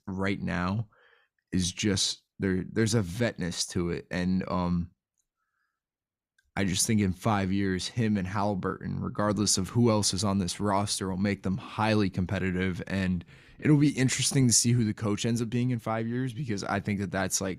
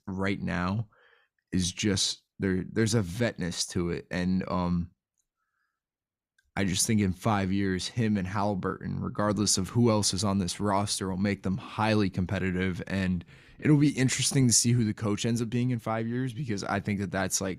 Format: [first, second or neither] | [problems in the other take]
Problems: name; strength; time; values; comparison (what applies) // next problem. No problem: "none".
neither | none